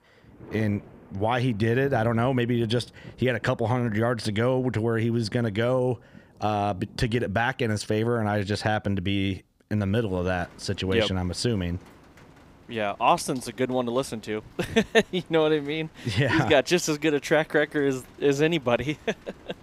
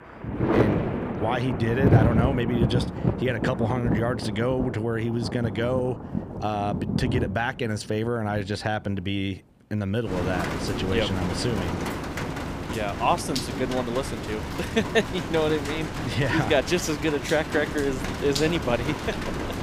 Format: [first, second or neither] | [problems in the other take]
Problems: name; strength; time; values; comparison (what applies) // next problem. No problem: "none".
first | rain or running water; loud; throughout; 2 dB below the speech; faint in the first